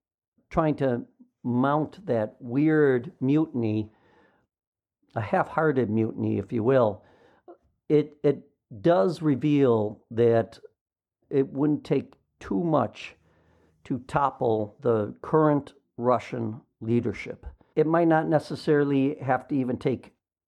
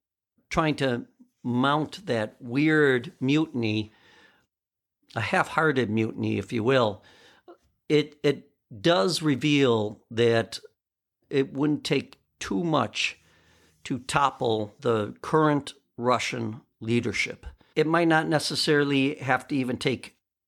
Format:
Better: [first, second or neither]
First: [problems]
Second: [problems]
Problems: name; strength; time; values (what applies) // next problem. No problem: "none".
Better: second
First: muffled; very; fading above 1.5 kHz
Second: none